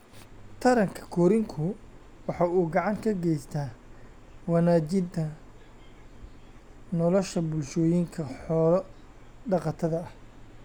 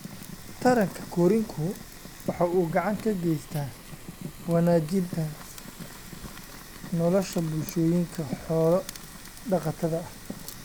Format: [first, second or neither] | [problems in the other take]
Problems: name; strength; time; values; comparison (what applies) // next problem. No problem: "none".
first | background sound (Fire); 14 dB below the speech